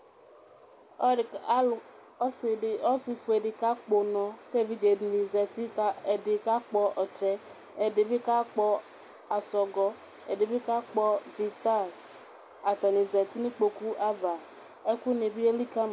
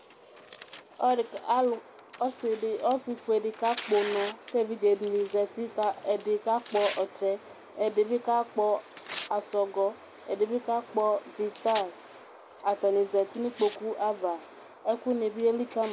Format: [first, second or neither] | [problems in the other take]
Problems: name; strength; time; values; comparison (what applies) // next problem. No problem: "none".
first | background sound (Tearing); 18 dB below the speech